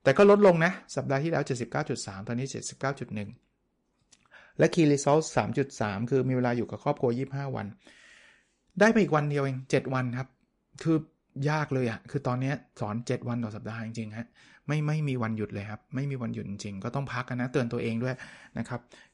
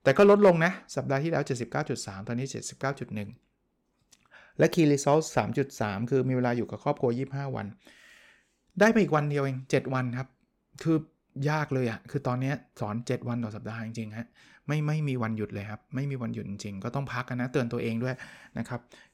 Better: second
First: garbled, watery; slightly; nothing above 10.5 kHz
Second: none

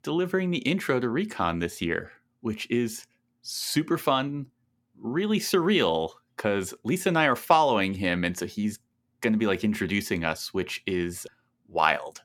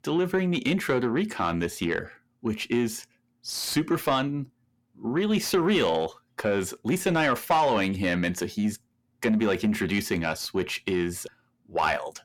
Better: first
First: none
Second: distortion; slight; 10 dB below the speech

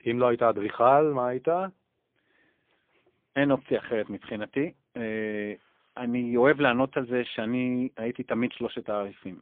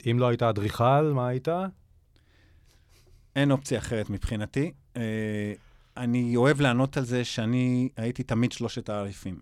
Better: second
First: phone-call audio; poor line; nothing above 3.5 kHz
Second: none

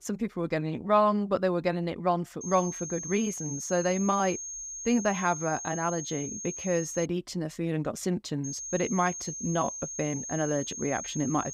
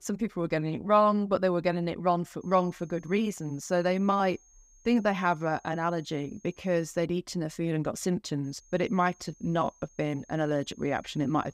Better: second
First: high-pitched whine; loud; from 2.5 to 7 s and from 8.5 s on; 6.5 kHz, 6 dB below the speech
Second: high-pitched whine; faint; from 2.5 to 7 s and from 8.5 s on; 6.5 kHz, 30 dB below the speech

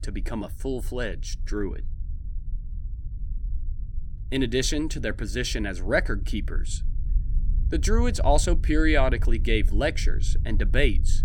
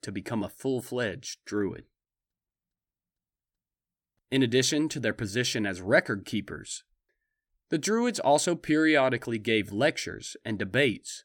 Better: second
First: low rumble; faint; throughout; 20 dB below the speech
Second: none

